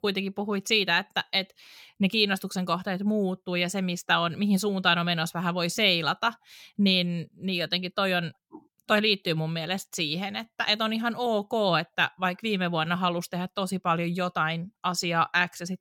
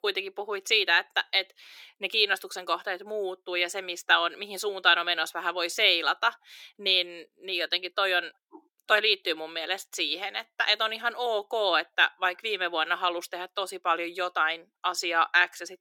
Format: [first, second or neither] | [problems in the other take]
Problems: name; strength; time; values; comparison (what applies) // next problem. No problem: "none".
first | thin; very; fading below 350 Hz